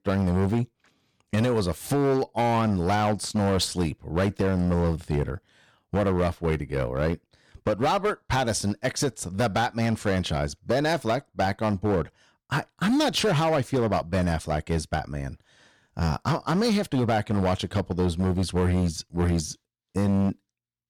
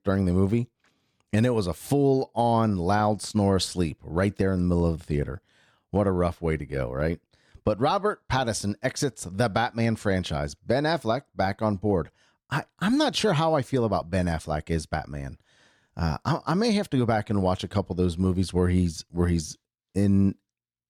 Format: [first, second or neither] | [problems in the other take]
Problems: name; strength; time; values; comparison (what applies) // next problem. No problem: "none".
second | distortion; slight; 12% of the sound clipped